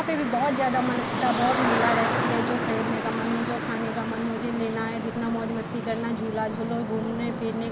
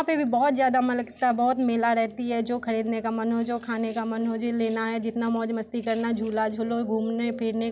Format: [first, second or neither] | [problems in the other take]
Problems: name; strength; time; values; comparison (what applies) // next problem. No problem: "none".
second | background sound (Traffic noise, roadway noise); 1 dB below the speech